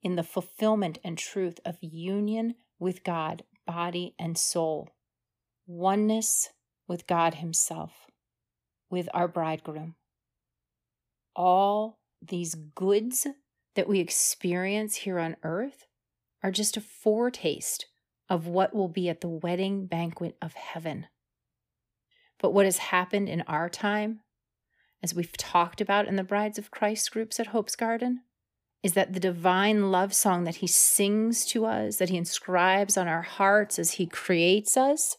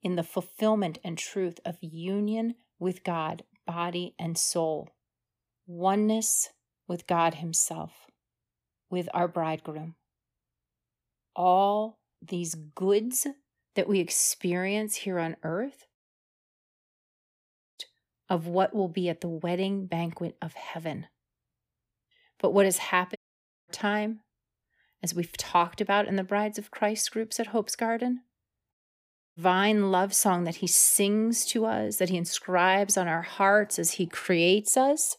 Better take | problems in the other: first | audio cutting out; at 16 s for 2 s, at 23 s for 0.5 s and at 29 s for 0.5 s

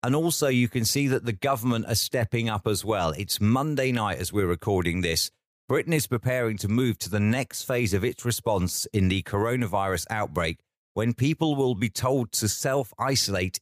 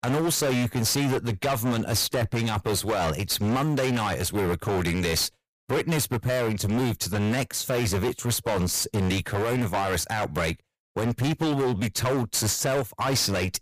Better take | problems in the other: first | distortion; heavy; 28% of the sound clipped

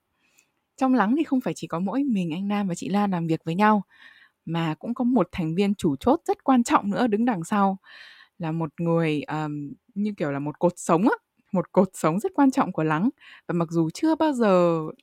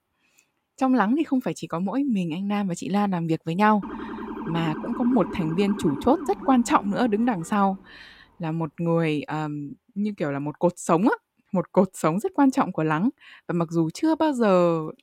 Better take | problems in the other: first | siren; noticeable; from 4 to 8 s; peak 9 dB below the speech

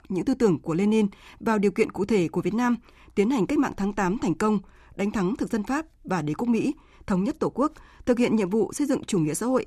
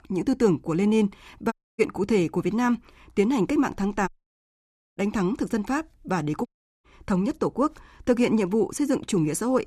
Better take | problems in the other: first | audio cutting out; at 1.5 s, at 4 s for 1 s and at 6.5 s

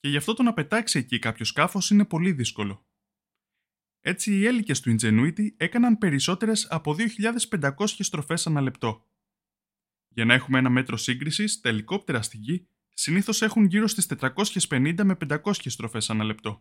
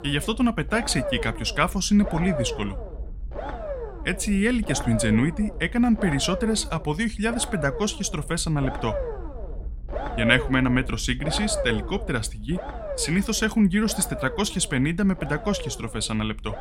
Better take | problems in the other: first | low rumble; loud; throughout; 8 dB below the speech

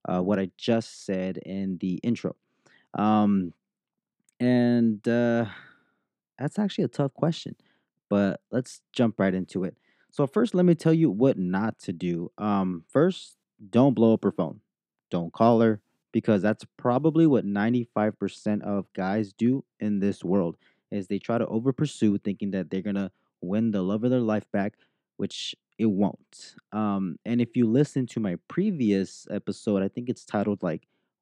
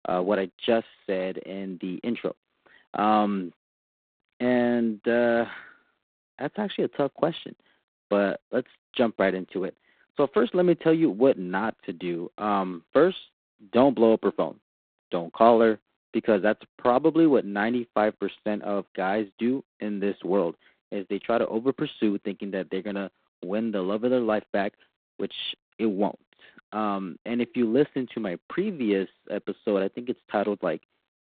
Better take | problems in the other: first | phone-call audio; poor line; nothing above 4 kHz

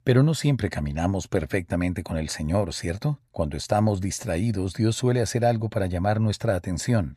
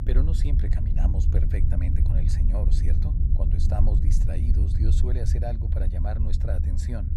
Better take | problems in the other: first | low rumble; loud; throughout; 1 dB below the speech

